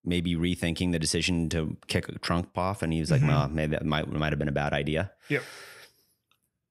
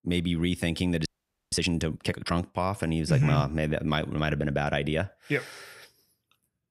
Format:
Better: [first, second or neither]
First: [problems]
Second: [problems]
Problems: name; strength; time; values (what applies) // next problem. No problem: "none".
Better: first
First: none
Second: audio freezing; at 1 s